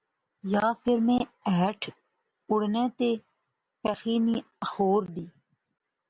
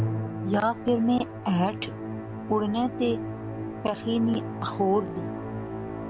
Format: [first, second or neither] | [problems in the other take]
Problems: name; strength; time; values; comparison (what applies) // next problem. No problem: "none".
first | background sound (Musical instrument); 5 dB below the speech